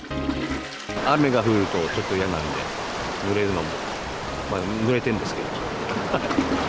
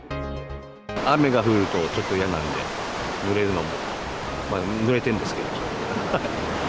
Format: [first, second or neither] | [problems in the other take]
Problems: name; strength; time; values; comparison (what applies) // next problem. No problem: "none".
second | background sound (Toilet flush); 9 dB below the speech